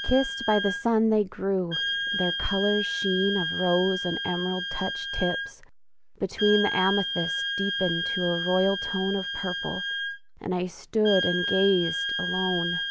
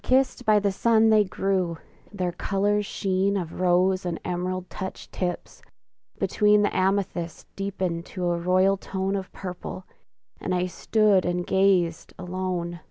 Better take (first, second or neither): second